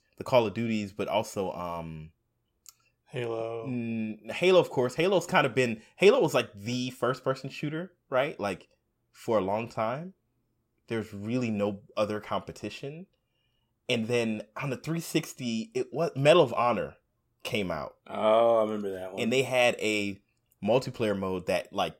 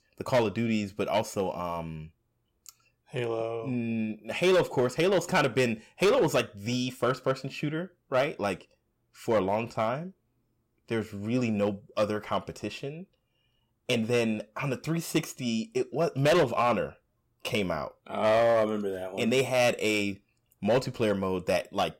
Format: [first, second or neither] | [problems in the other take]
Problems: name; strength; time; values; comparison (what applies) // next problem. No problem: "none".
first | distortion; slight; 4% of the sound clipped